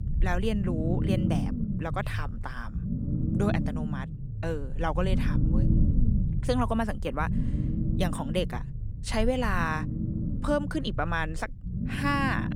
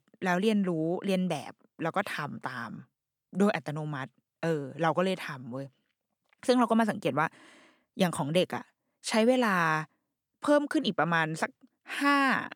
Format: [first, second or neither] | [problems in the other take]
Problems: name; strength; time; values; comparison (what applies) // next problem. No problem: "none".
second | low rumble; loud; throughout; 8 dB below the speech